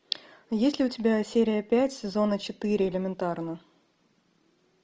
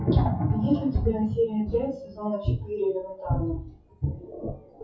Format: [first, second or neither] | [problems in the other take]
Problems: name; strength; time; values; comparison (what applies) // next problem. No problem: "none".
first | noise reduction (classical method WPE with log-MMSE)